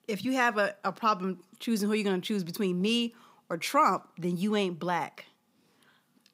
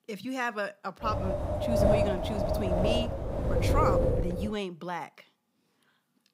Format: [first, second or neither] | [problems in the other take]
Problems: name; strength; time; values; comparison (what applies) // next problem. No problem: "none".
first | wind noise on the microphone; heavy; from 1 to 4.5 s; 4 dB above the speech